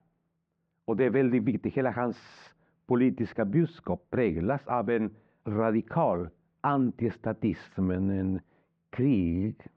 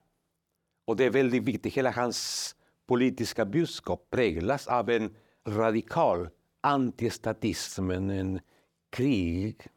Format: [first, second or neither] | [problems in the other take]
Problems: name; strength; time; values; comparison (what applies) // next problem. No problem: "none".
second | muffled; very; fading above 2 kHz